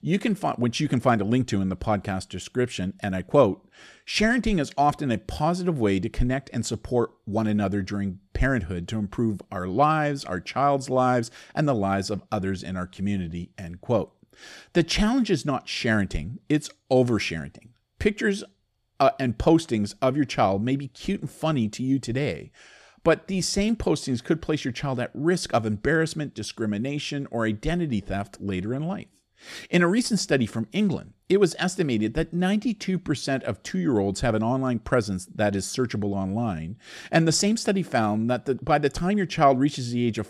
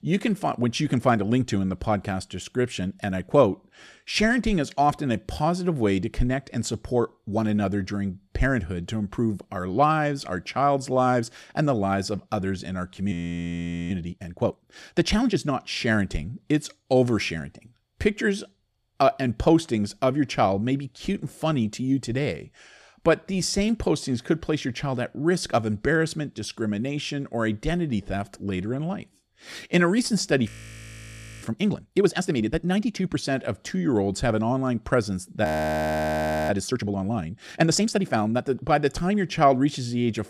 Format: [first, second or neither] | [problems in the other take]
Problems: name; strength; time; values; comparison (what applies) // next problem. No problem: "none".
first | audio freezing; at 13 s for 1 s, at 30 s for 1 s and at 35 s for 1 s